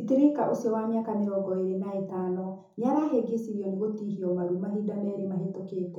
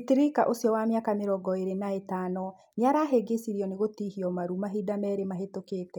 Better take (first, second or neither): second